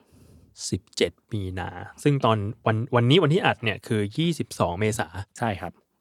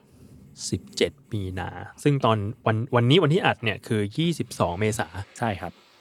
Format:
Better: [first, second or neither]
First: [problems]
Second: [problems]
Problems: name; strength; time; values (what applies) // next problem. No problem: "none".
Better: first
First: none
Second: household noises; faint; throughout; 25 dB below the speech